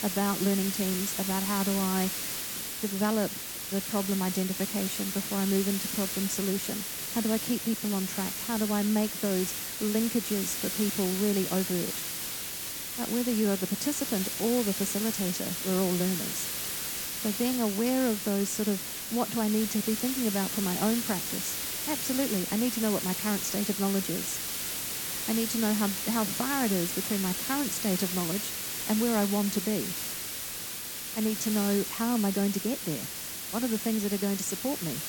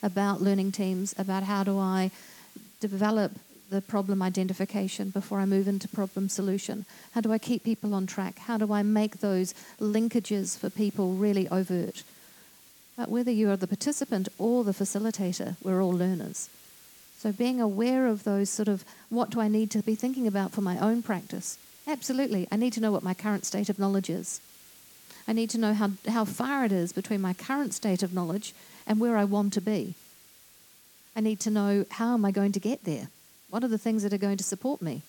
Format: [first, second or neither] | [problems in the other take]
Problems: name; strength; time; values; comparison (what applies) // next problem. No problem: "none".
second | hiss; loud; throughout; 2 dB below the speech; faint in the second